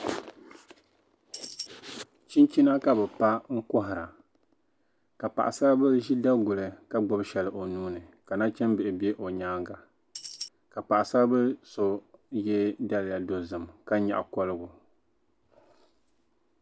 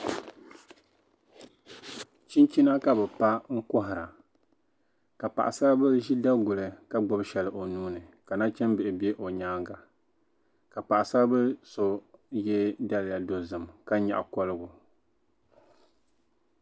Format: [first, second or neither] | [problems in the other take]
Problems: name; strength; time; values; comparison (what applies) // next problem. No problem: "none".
second | background sound (Tambourine); 11 dB below the speech